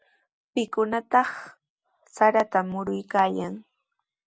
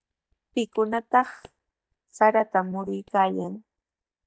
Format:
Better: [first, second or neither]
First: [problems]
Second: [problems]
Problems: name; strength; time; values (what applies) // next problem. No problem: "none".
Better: first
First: none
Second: noise reduction (neural mask model DeepFilterNet 3)